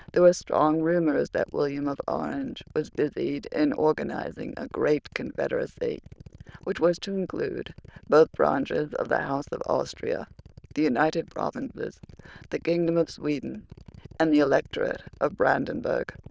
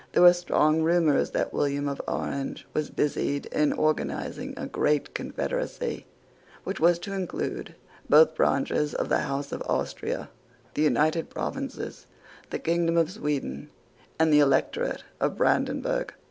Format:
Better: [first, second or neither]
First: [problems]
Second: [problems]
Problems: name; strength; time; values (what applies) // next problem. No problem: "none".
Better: second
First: noise reduction (neural diffusion model UNIVERSE++)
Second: none